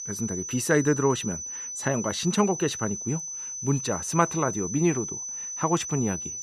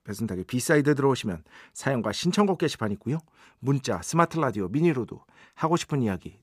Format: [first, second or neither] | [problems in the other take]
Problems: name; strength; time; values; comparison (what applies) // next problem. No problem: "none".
second | high-pitched whine; loud; throughout; 6 kHz, 5 dB below the speech